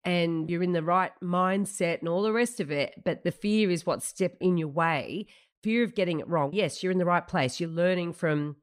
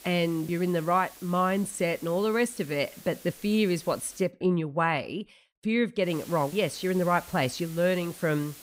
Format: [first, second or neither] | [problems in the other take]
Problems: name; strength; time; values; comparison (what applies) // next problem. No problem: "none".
first | hiss; noticeable; until 4 s and from 6 s on; 20 dB below the speech